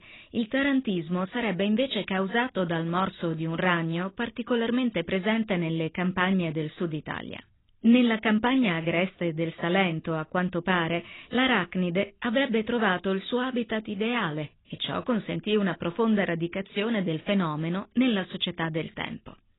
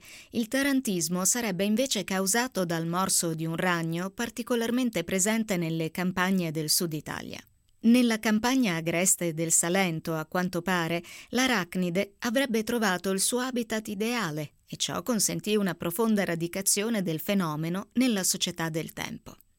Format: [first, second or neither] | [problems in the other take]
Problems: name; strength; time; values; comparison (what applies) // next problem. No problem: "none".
second | garbled, watery; badly; nothing above 4 kHz